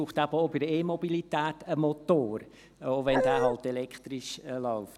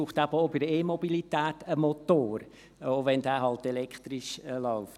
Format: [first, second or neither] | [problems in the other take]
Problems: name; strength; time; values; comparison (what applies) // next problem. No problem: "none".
second | background sound (Dog); 2 dB above the speech